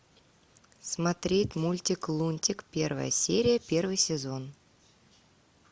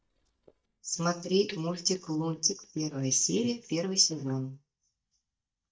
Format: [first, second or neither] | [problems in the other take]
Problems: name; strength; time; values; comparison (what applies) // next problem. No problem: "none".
first | noise reduction (neural mask model DeepFilterNet 3)